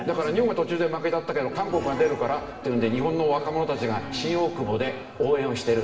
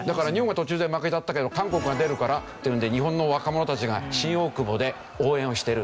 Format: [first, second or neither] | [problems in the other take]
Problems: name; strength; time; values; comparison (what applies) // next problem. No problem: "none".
second | room echo; dies away in 1.1 s